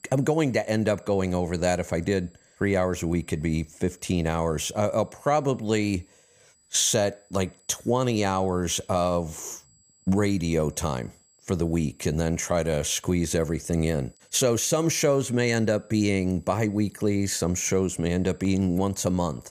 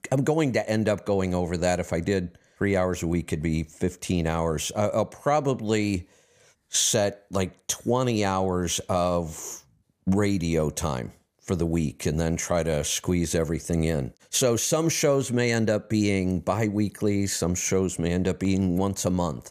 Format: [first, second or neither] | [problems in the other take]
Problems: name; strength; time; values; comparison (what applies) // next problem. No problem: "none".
second | high-pitched whine; faint; throughout; 7.5 kHz, 35 dB below the speech